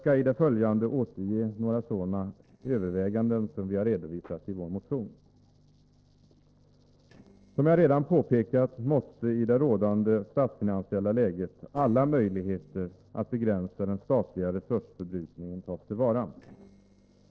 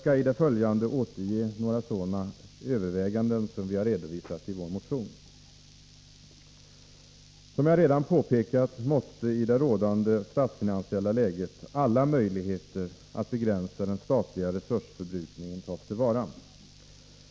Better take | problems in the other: second | noise reduction (neural separator model SepFormer DNS4)

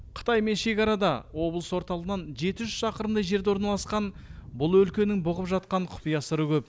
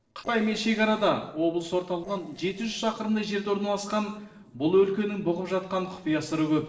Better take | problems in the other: first | noise reduction (neural separator model SepFormer DNS4)

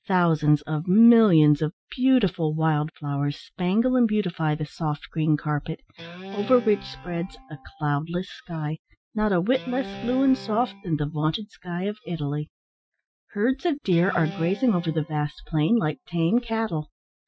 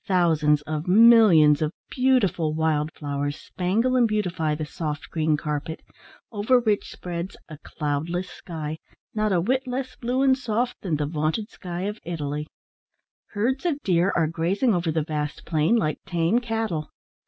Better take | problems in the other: second | noise reduction (classical method Wiener filter)

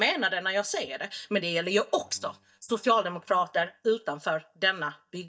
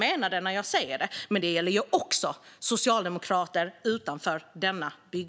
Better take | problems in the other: second | noise reduction (neural mask model DeepFilterNet 3)

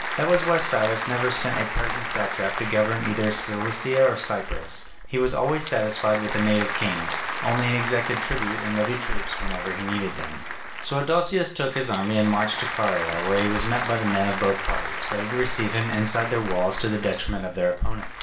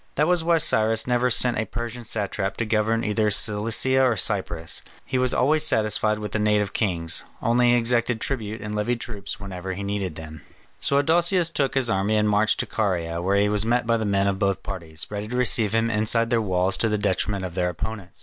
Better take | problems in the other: second | background sound (Applause / Crowd); 6 dB below the speech // room echo; dies away in 0.5 s

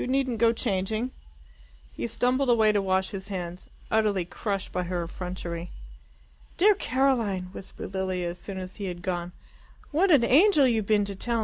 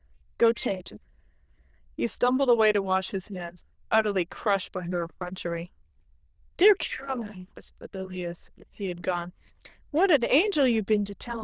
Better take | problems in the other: first | noise reduction (neural diffusion model UNIVERSE++)

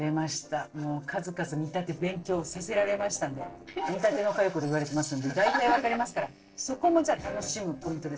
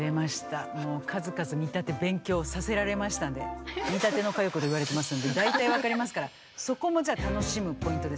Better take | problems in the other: second | noise reduction (neural separator model SepFormer DNS4)

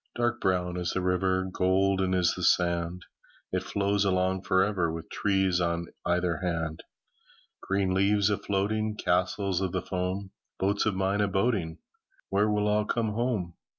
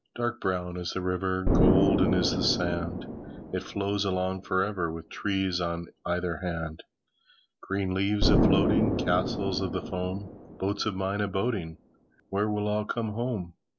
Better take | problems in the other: first | background sound (Explosion); 1 dB below the speech

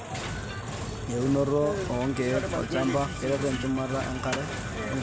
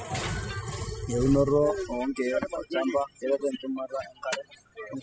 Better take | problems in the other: first | noise reduction (classical method spectral subtraction)

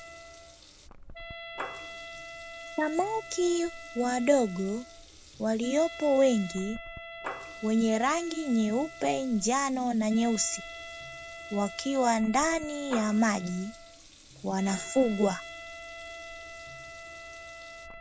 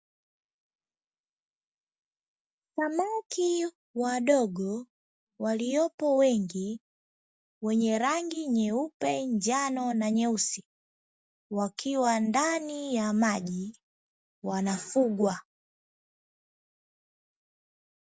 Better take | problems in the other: second | background sound (Wind instrument, woodwind instrument + Water tap, faucet / Liquid); 13 dB below the speech

